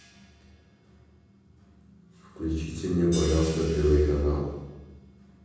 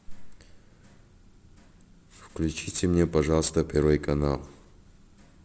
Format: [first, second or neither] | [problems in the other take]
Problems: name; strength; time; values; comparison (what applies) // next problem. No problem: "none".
second | background sound (Hi-hat); 20 dB below the speech // room echo; dies away in 1.3 s